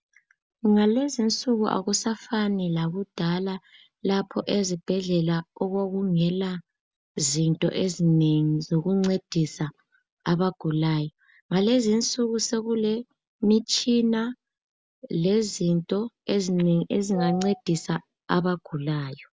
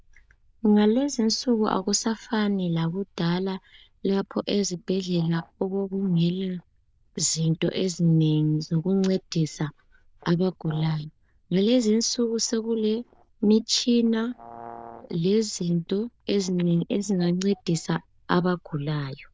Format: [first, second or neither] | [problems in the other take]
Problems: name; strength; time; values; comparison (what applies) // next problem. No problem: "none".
first | noise reduction (neural diffusion model UNIVERSE++)